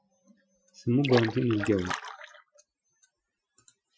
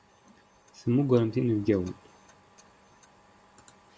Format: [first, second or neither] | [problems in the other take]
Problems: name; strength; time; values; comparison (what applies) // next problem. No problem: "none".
second | noise reduction (classical method Wiener filter)